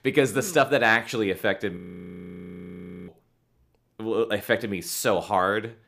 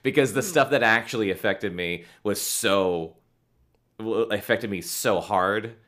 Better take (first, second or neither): second